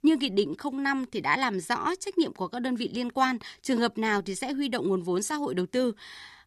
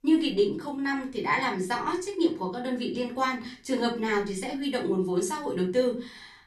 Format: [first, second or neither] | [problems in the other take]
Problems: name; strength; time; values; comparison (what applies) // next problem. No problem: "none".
first | off-mic speech; far // room echo; slight; dies away in 0.3 s